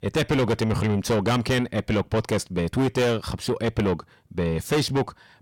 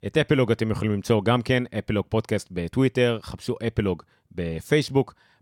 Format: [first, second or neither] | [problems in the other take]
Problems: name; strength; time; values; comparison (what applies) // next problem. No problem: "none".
second | distortion; heavy; 6 dB below the speech